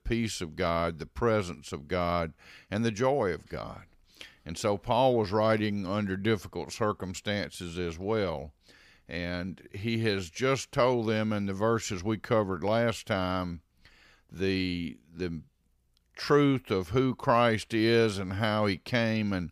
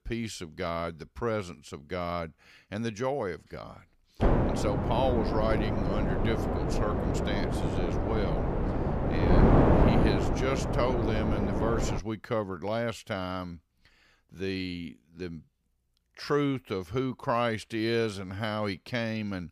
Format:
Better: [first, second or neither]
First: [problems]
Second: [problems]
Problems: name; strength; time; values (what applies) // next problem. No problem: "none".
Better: first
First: none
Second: wind noise on the microphone; heavy; from 4 to 12 s; 2 dB above the speech